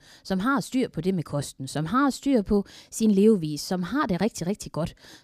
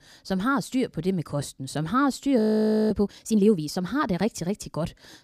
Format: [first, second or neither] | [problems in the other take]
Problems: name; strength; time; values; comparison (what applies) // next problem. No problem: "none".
first | audio freezing; at 2.5 s for 0.5 s